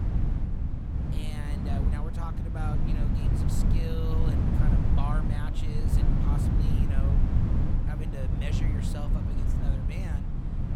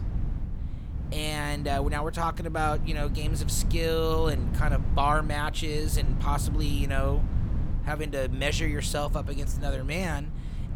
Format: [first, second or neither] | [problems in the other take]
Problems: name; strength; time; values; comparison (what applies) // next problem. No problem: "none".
second | wind noise on the microphone; heavy; 3 dB above the speech; occasional gusts in the second